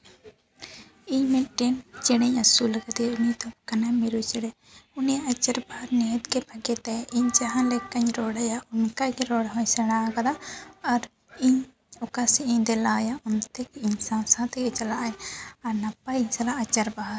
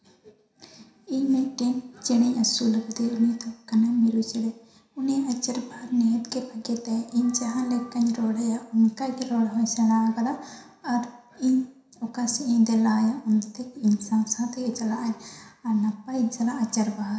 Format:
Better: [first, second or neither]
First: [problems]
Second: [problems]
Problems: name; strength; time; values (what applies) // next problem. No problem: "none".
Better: first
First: none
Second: room echo; dies away in 0.7 s